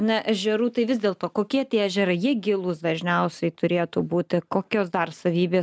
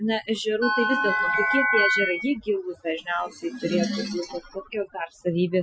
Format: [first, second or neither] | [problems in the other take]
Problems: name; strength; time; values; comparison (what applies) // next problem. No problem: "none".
first | noise reduction (classical method Wiener filter)